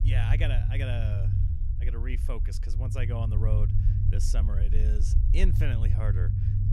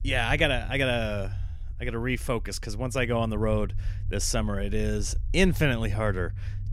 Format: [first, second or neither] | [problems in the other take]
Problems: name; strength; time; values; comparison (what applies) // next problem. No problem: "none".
second | low rumble; loud; throughout; 3 dB below the speech; faint in the second